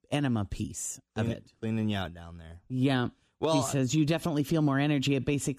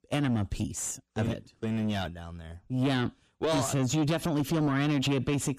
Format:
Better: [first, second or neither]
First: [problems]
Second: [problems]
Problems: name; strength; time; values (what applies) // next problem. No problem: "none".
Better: first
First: none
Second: distortion; slight; 10 dB below the speech